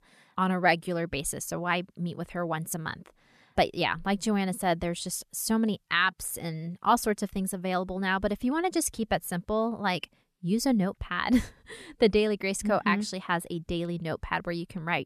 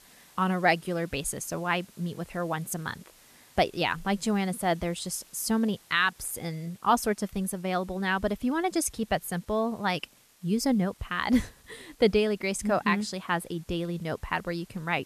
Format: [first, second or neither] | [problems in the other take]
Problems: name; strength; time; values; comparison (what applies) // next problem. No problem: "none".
first | hiss; faint; throughout; 25 dB below the speech